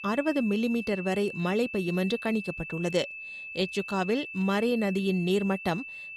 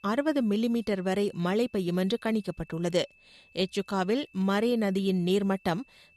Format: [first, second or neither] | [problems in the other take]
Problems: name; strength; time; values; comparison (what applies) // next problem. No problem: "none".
second | high-pitched whine; loud; throughout; 2.5 kHz, 9 dB below the speech; faint in the second